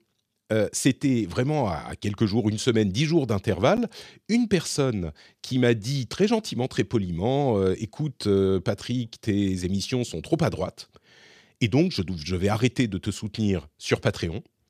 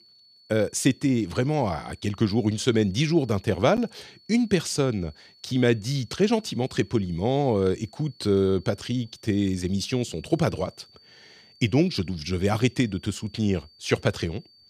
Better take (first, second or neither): first